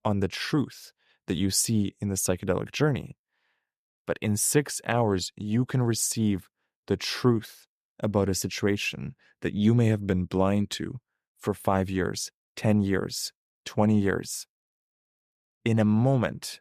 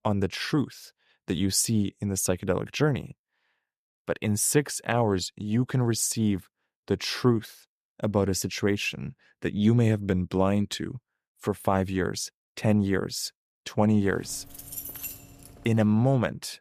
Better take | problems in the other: first | jangling keys; noticeable; from 14 to 16 s; peak 7 dB below the speech

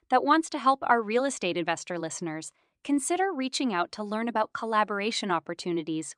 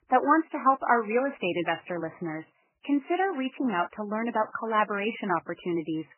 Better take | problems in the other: first | garbled, watery; badly; nothing above 3 kHz

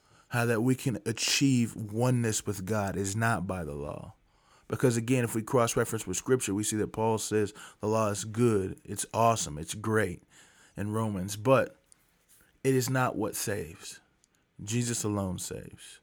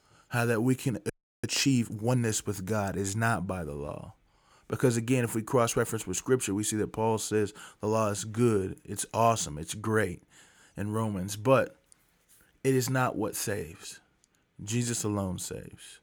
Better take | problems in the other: first | audio freezing; at 1 s

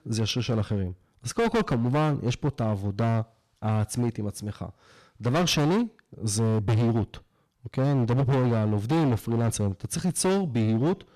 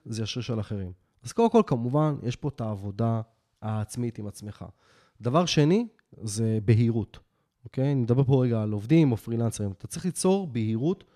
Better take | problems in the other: second | distortion; heavy; 18% of the sound clipped

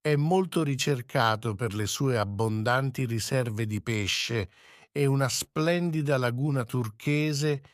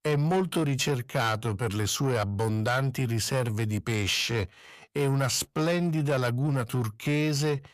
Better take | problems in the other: first | distortion; slight; 10 dB below the speech

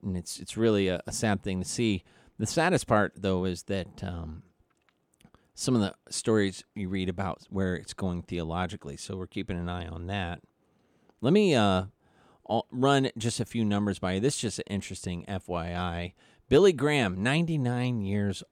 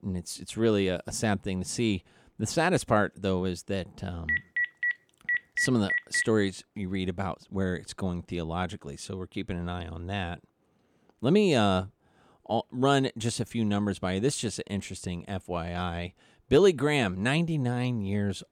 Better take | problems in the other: first | phone ringing; loud; from 4.5 to 6 s; peak 2 dB above the speech

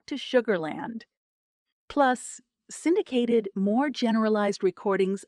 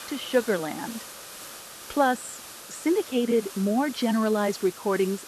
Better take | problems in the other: first | hiss; noticeable; throughout; 15 dB below the speech

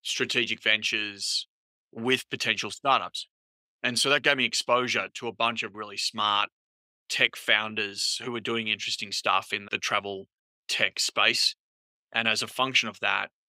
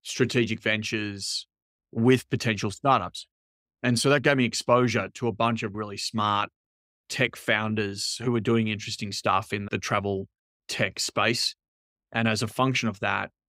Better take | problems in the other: second | thin; somewhat; fading below 750 Hz

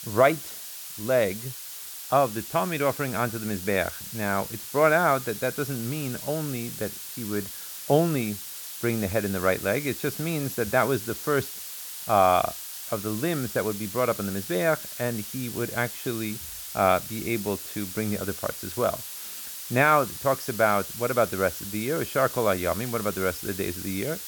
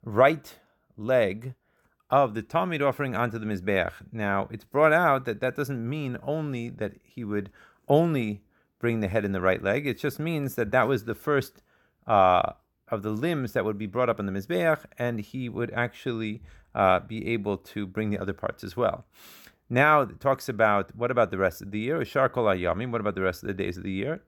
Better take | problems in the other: second | hiss; loud; throughout; 8 dB below the speech

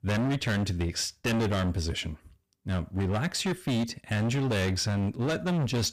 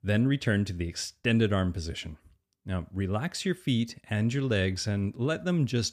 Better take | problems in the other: second | distortion; heavy; 26% of the sound clipped

